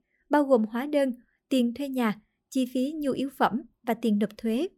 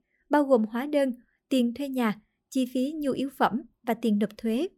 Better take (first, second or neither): neither